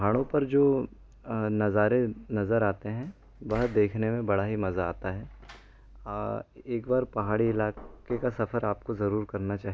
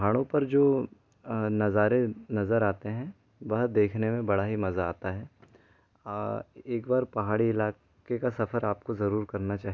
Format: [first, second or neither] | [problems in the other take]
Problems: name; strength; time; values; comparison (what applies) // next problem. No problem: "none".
second | background sound (Knock); 20 dB below the speech